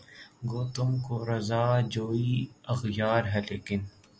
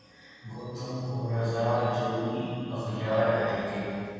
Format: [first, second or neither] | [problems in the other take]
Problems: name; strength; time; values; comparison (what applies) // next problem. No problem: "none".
first | room echo; dies away in 2.2 s